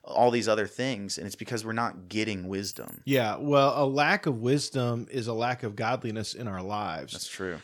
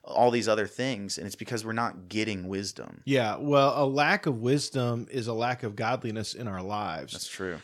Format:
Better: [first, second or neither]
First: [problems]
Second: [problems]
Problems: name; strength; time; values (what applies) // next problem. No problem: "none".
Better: second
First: jangling keys; faint; at 2.5 s; peak 15 dB below the speech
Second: none